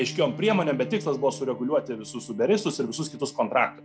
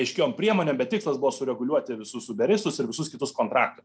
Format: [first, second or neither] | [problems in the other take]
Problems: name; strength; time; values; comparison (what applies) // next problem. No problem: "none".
second | background sound (Bowed string instrument); 15 dB below the speech